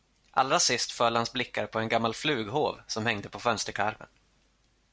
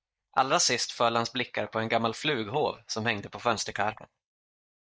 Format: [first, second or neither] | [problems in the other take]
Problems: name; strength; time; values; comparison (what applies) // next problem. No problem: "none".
first | noise reduction (neural mask model Resemble Enhance denoiser)